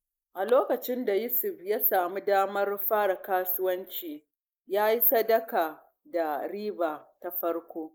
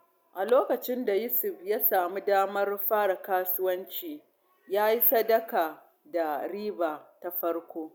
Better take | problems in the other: second | noise reduction (neural mask model Resemble Enhance denoiser)

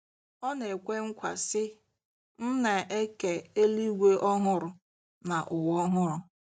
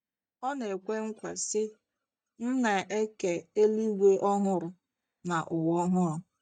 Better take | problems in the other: first | noise reduction (neural mask model DeepFilterNet 3)

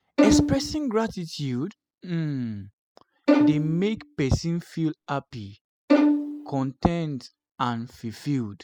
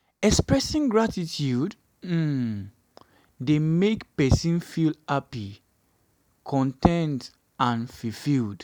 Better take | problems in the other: second | noise reduction (classical method spectral subtraction)

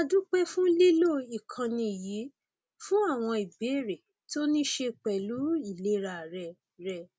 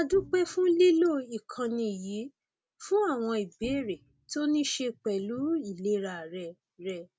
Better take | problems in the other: first | background sound (Bowed string instrument); 20 dB below the speech

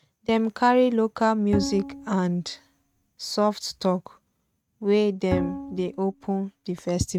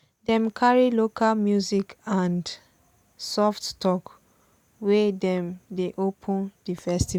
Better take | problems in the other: second | noise reduction (neural mask model RNNoise)

